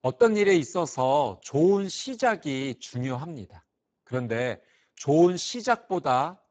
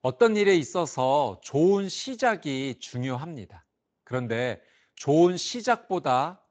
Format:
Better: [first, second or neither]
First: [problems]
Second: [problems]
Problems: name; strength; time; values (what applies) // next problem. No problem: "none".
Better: second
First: garbled, watery; badly; nothing above 7.5 kHz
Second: garbled, watery; slightly; nothing above 7.5 kHz